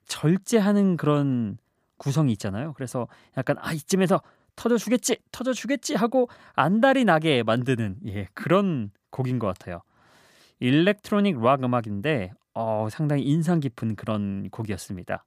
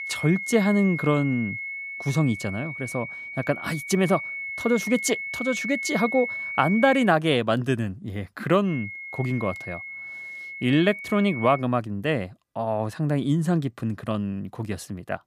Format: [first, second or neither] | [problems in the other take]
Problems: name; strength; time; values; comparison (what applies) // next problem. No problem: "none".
first | high-pitched whine; loud; until 7 s and from 8.5 to 12 s; 2 kHz, 7 dB below the speech